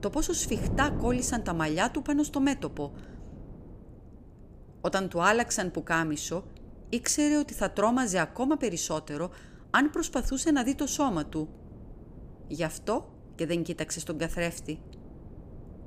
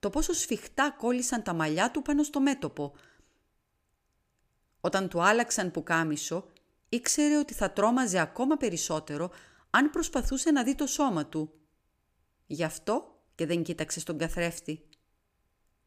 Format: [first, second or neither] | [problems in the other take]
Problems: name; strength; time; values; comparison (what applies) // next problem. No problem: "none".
second | wind noise on the microphone; occasional gusts; 20 dB below the speech